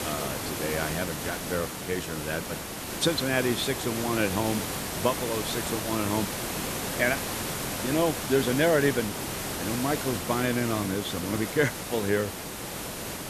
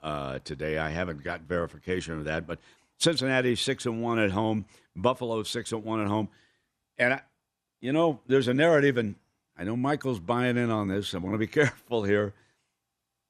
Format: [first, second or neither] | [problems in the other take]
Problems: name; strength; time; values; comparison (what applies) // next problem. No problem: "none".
second | hiss; loud; throughout; 3 dB below the speech